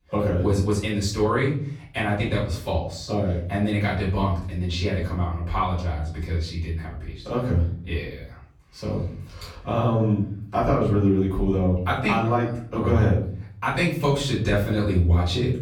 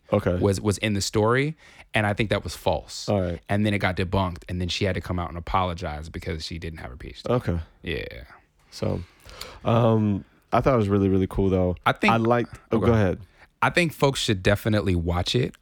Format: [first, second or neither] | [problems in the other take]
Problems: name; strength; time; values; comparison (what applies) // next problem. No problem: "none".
second | off-mic speech; far // room echo; noticeable; dies away in 0.7 s